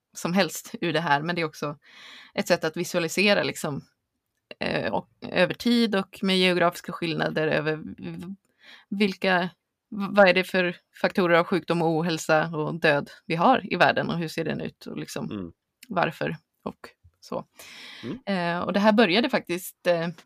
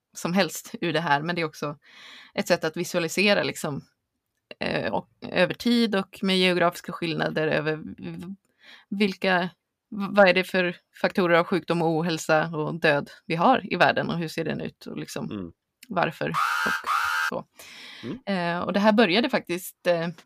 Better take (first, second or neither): first